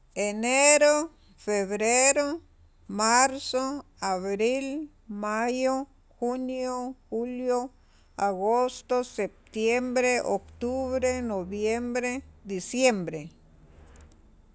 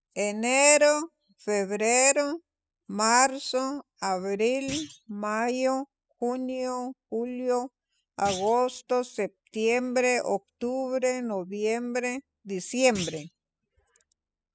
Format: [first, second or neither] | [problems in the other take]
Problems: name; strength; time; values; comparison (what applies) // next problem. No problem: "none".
first | noise reduction (classical method spectral subtraction)